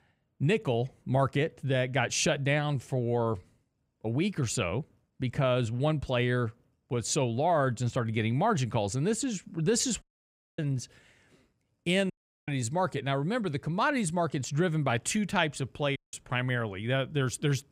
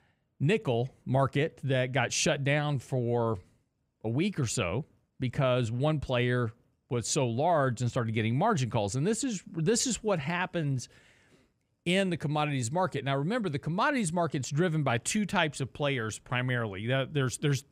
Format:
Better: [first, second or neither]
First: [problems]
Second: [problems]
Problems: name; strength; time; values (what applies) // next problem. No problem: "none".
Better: second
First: audio cutting out; at 10 s for 0.5 s, at 12 s and at 16 s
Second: none